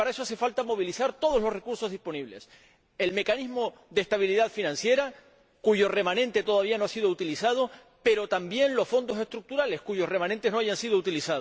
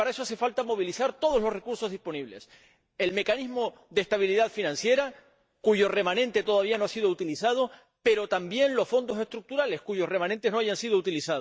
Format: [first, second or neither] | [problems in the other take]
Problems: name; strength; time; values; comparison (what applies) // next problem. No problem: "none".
first | noise reduction (neural mask model DeepFilterNet 3)